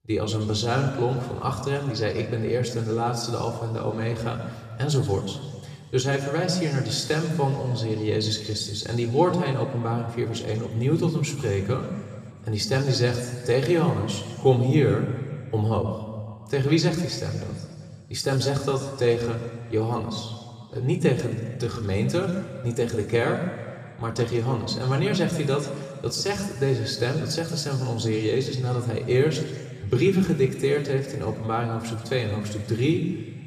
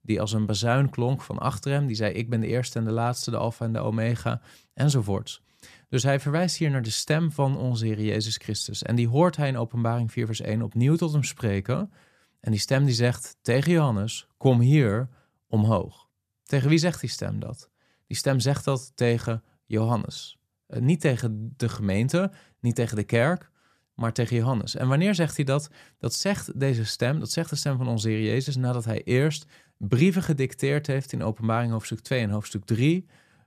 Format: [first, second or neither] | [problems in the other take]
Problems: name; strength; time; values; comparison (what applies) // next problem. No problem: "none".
second | room echo; noticeable; dies away in 1.9 s